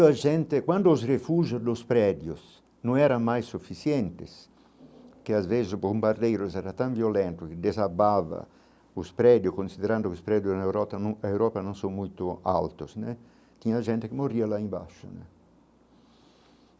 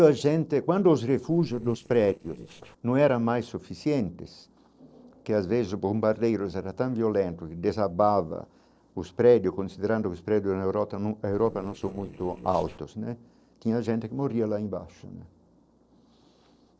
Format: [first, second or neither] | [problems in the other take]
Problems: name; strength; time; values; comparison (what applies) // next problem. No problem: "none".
first | noise reduction (neural separator model SepFormer DNS4)